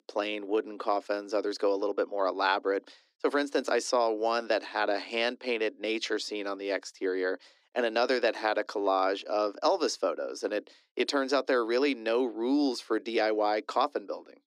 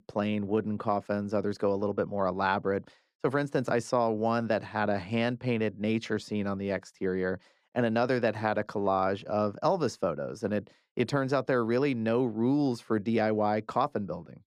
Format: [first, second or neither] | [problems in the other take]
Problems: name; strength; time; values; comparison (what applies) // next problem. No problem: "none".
second | thin; very slightly; fading below 250 Hz